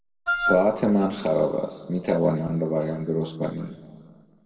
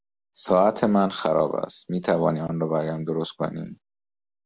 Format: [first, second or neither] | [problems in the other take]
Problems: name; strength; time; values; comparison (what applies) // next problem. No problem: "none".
second | background sound (Wind instrument, woodwind instrument); 1 dB below the speech // room echo; dies away in 1.4 s